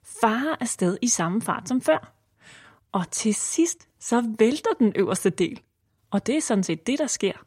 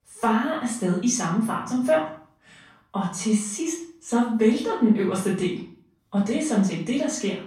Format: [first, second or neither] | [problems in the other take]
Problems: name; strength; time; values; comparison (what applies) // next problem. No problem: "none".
first | off-mic speech; far // room echo; noticeable; dies away in 0.4 s